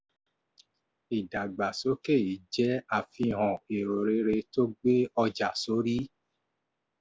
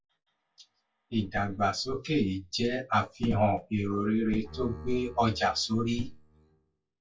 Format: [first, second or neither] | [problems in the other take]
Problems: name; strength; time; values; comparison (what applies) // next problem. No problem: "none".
first | noise reduction (classical method WPE with log-MMSE)